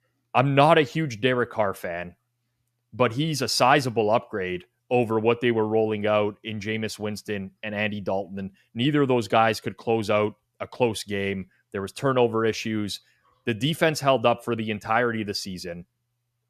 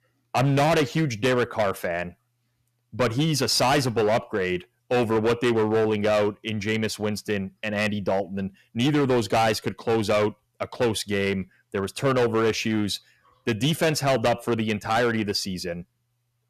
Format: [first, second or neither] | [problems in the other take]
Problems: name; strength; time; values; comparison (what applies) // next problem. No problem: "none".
first | distortion; heavy; 10% of the sound clipped